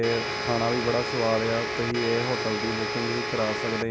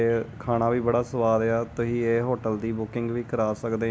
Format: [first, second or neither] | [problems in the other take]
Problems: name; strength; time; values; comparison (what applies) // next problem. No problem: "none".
second | background sound (Domestic sounds, home sounds); 2 dB below the speech